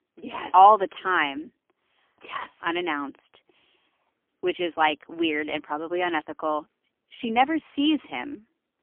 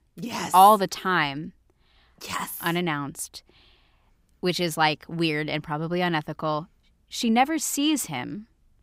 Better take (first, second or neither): second